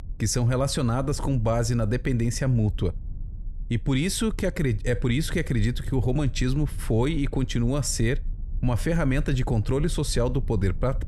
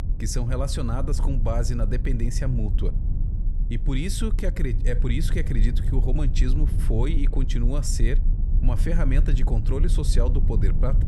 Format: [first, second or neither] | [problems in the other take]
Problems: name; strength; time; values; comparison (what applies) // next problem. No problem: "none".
first | low rumble; loud; throughout; 10 dB below the speech; faint in the first